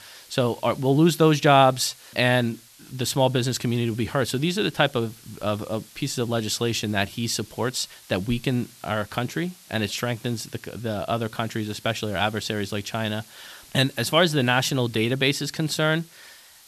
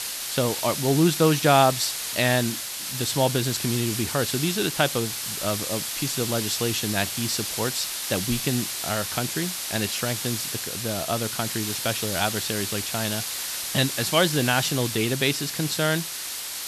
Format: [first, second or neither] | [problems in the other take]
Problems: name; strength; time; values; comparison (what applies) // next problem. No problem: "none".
first | hiss; loud; throughout; 3 dB below the speech; faint in the first